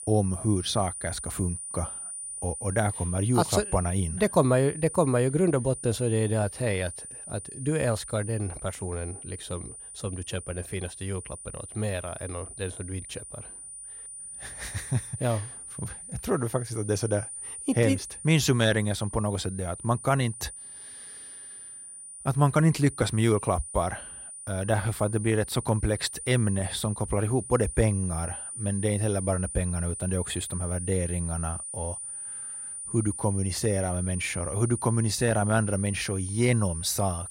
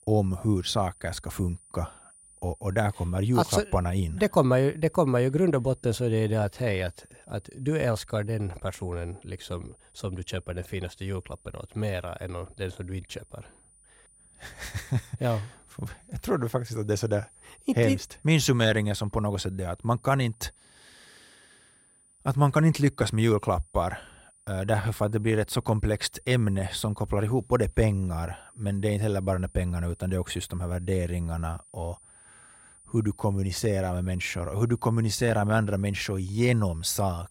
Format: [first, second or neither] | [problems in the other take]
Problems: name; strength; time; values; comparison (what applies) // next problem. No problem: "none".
second | high-pitched whine; loud; throughout; 9.5 kHz, 9 dB below the speech; faint in the second